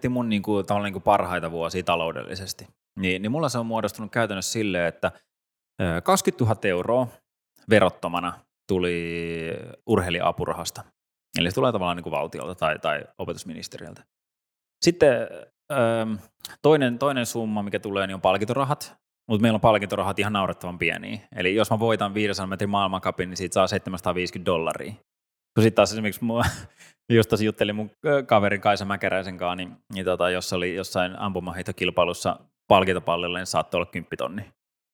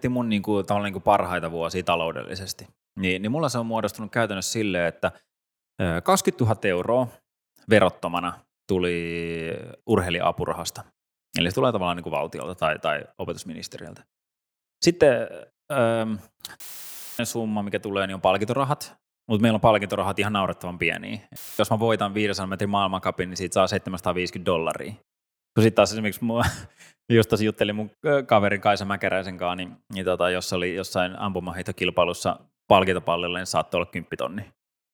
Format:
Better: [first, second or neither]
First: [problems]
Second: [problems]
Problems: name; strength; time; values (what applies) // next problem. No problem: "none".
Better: first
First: none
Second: audio cutting out; filled with static; at 17 s for 0.5 s and at 21 s